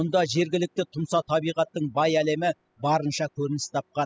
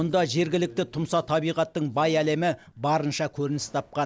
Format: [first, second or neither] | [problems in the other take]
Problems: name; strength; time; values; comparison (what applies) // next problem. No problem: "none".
second | noise reduction (classical method spectral subtraction)